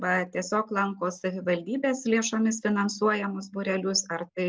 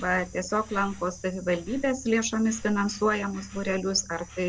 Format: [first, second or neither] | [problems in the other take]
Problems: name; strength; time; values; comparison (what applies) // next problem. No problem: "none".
first | background sound (Insect); 16 dB below the speech